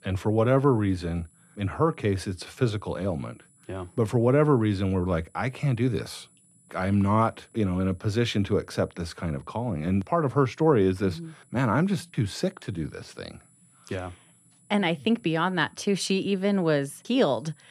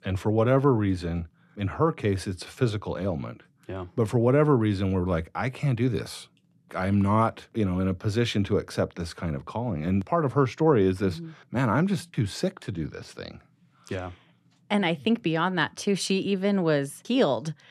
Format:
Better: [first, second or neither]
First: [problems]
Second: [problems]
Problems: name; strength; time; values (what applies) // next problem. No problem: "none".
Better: second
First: high-pitched whine; faint; throughout; 10 kHz, 35 dB below the speech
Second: none